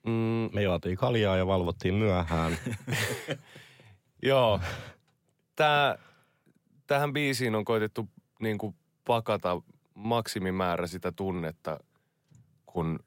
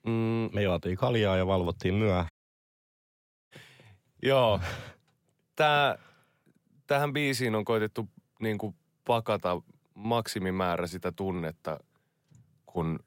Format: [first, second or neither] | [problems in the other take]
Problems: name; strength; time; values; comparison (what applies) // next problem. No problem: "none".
first | audio cutting out; at 2.5 s for 1 s